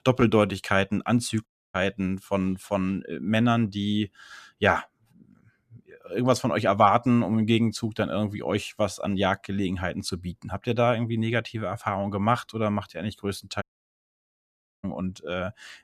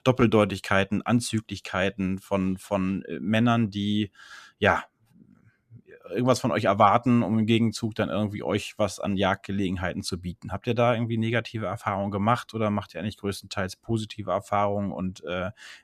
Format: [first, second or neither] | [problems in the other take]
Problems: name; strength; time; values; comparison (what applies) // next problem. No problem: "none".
second | audio cutting out; at 1.5 s and at 14 s for 1 s